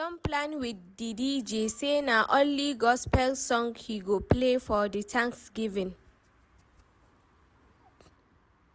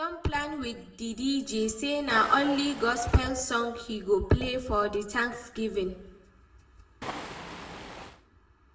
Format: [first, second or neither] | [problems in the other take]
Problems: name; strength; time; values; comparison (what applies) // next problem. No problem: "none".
first | background sound (Waves, surf); 11 dB below the speech // room echo; dies away in 0.7 s